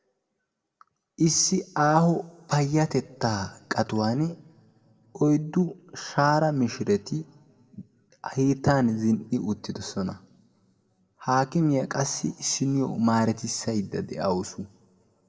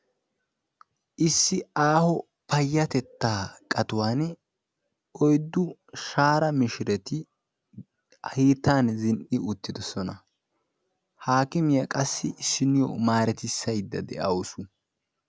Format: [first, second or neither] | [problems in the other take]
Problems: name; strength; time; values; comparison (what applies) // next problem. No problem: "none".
second | room echo; dies away in 1.1 s